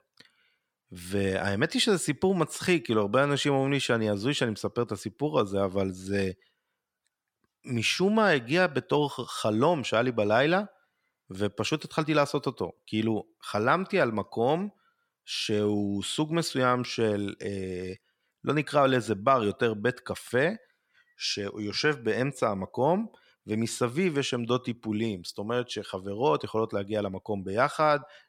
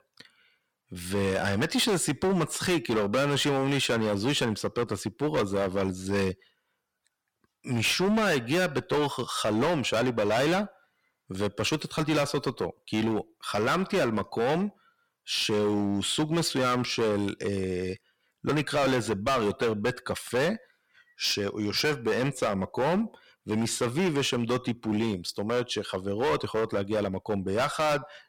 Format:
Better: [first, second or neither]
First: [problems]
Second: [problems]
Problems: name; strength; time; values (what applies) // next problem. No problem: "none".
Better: first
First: none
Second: distortion; heavy; 15% of the sound clipped